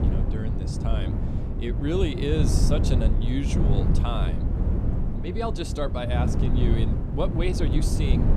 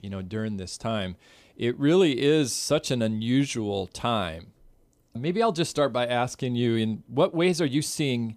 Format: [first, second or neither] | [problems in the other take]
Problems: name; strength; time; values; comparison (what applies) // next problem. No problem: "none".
second | wind noise on the microphone; heavy; 4 dB below the speech